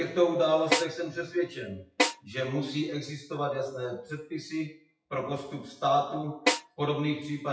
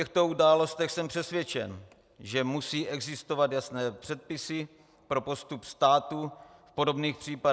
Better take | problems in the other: second | noise reduction (classical method WPE with log-MMSE)

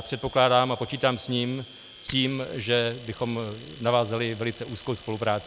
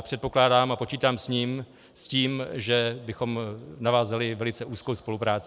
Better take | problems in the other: second | background sound (Domestic sounds, home sounds); 19 dB below the speech

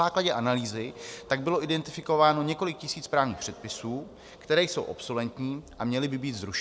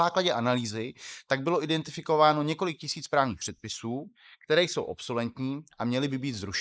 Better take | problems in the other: first | noise reduction (neural mask model Resemble Enhance denoiser)

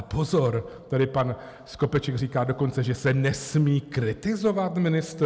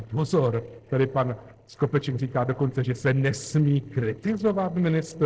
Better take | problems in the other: first | noise reduction (neural separator model SepFormer DNS4)

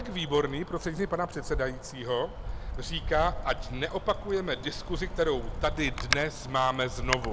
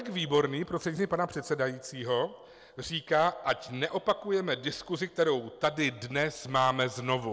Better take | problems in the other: second | background sound (Wind); 5 dB below the speech

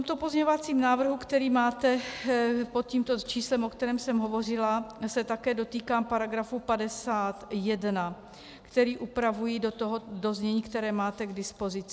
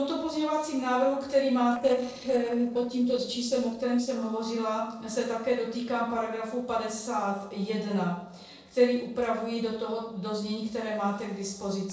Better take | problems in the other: first | noise reduction (neural separator model SepFormer DNS4)

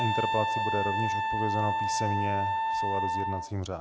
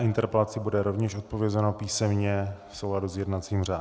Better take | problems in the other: second | background sound (Wind instrument, woodwind instrument); 4 dB above the speech

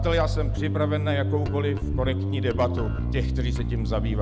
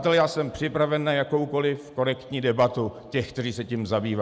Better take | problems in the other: second | background sound (Bass guitar); 3 dB above the speech

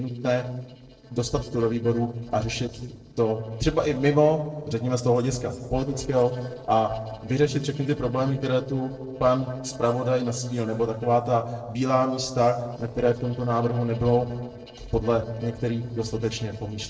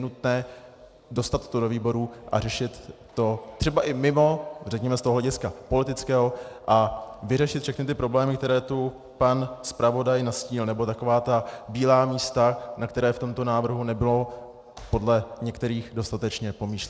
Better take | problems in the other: second | noise reduction (neural separator model SepFormer DNS4)

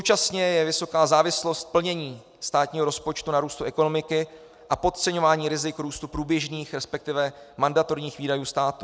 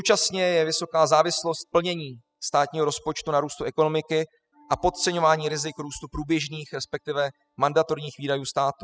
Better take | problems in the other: first | noise reduction (classical method spectral subtraction)

